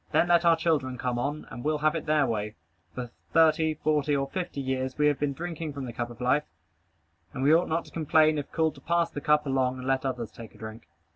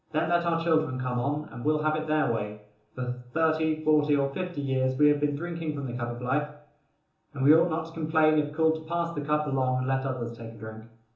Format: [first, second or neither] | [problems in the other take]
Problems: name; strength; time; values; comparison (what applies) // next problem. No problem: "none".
first | room echo; dies away in 0.6 s